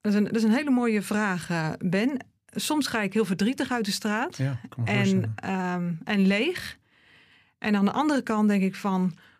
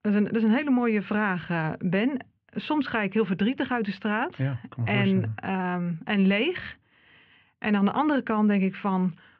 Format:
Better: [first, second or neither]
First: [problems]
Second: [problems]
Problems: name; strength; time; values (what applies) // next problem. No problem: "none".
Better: first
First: none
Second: muffled; very; fading above 3 kHz